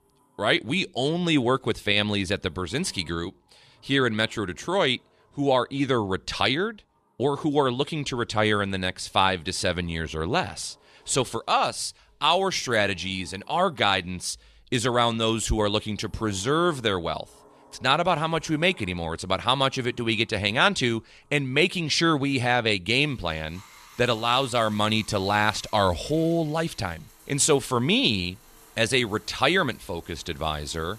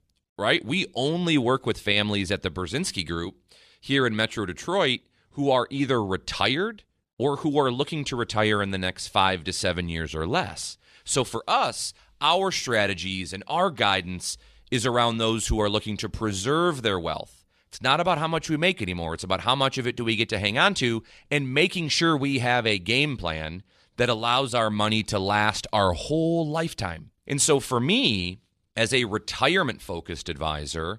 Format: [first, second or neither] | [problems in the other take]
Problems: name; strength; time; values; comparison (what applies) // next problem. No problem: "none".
second | household noises; faint; throughout; 30 dB below the speech